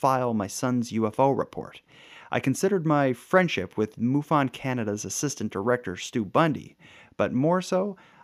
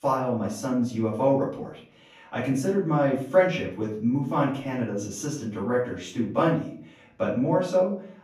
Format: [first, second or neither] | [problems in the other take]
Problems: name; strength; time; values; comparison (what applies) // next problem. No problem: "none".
first | off-mic speech; far // room echo; noticeable; dies away in 0.4 s